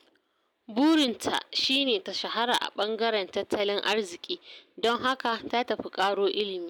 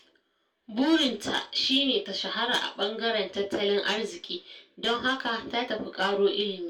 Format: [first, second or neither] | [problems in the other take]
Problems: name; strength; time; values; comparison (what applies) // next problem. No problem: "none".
first | room echo; dies away in 0.2 s